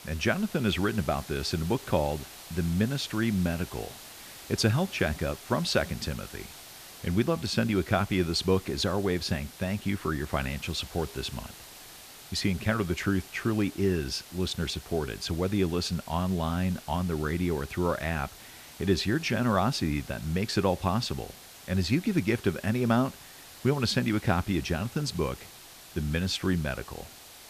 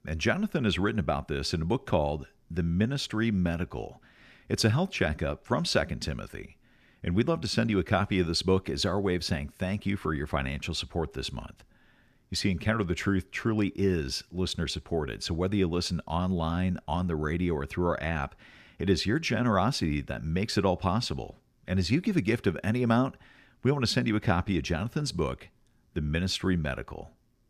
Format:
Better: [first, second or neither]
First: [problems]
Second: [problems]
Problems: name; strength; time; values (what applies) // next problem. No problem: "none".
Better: second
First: hiss; noticeable; throughout; 15 dB below the speech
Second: none